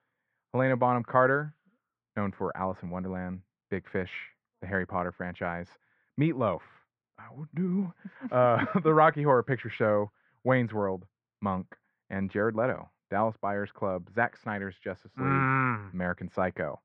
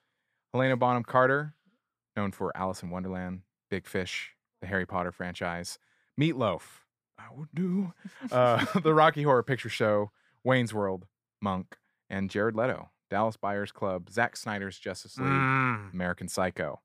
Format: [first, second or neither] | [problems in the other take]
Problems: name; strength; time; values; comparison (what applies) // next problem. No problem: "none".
second | muffled; very; fading above 2 kHz